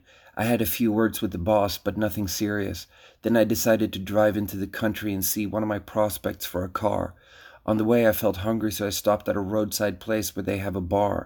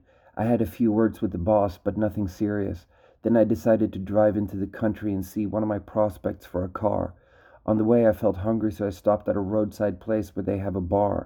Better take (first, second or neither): first